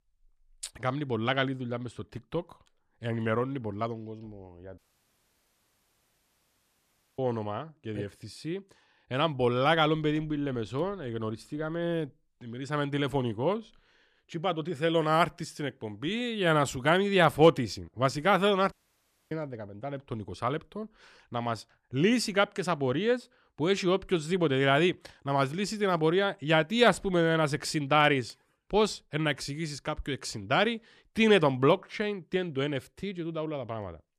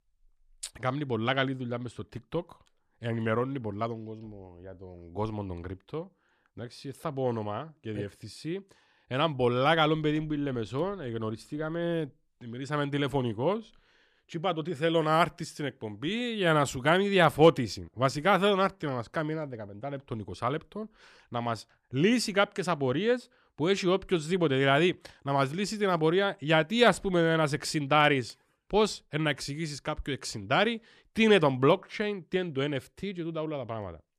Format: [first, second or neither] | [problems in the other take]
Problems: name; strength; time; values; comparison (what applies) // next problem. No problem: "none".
second | audio cutting out; at 5 s for 2.5 s and at 19 s for 0.5 s